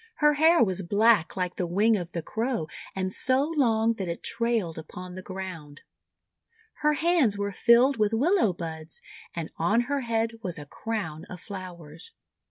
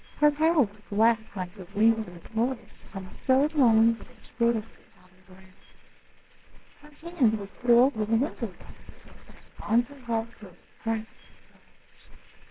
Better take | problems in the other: first | noise reduction (neural separator model SepFormer WHAMR!)

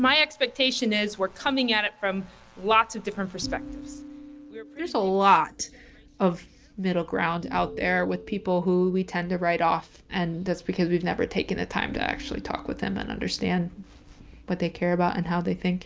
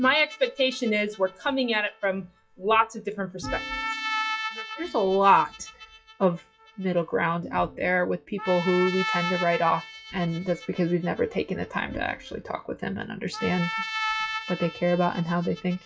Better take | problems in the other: first | noise reduction (classical method WPE with log-MMSE)

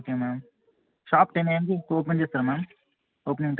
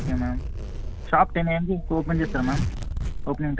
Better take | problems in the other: first | background sound (Zipper (clothing)); 3 dB below the speech

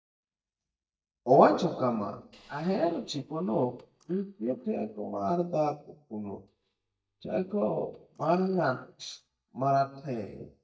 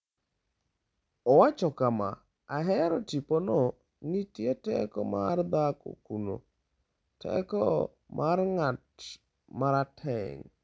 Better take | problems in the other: second | noise reduction (neural mask model DeepFilterNet 3)

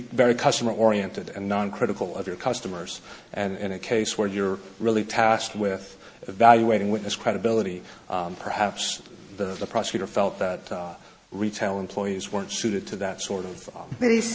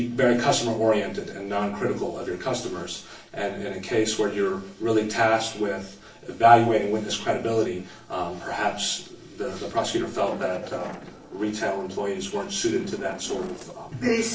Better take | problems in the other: first | noise reduction (neural separator model SepFormer DNS4)

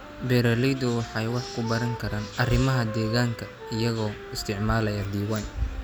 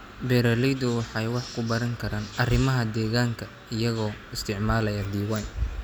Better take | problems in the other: second | background sound (Wind instrument, woodwind instrument); 15 dB below the speech

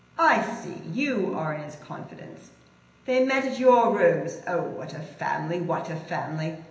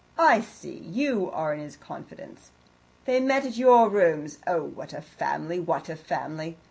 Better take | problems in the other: second | room echo; dies away in 0.9 s

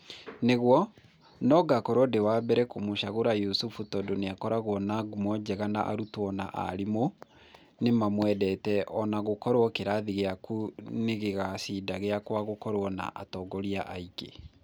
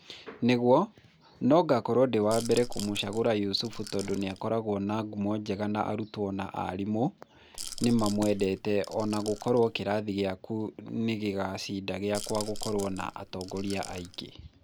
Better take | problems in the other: first | background sound (Rattle / Rattle (instrument)); 12 dB below the speech

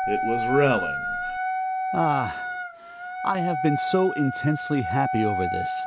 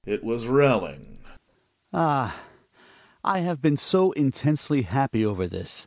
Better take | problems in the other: second | background sound (Wind instrument, woodwind instrument); 2 dB below the speech

